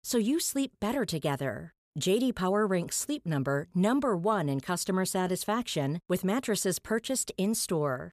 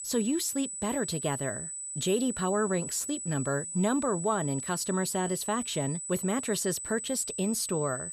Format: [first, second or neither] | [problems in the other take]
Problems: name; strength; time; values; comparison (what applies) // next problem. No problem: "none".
first | high-pitched whine; loud; throughout; 8 kHz, 5 dB below the speech